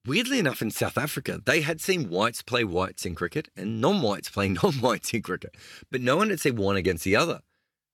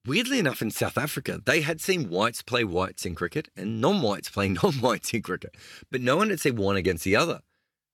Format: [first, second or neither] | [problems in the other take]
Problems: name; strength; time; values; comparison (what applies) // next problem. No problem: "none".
neither | none